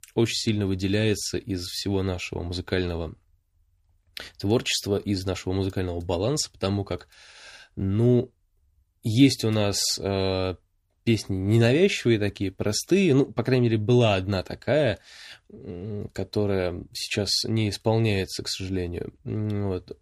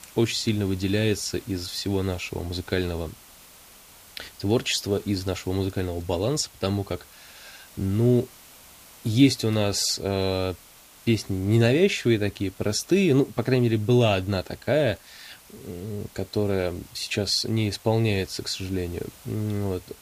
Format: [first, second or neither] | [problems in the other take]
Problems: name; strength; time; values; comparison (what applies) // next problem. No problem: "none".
first | hiss; faint; throughout; 25 dB below the speech